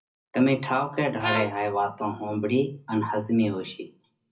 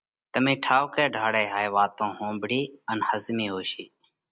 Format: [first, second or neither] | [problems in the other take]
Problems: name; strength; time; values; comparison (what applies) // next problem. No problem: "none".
second | background sound (Harmonica); 5 dB below the speech // room echo; dies away in 0.4 s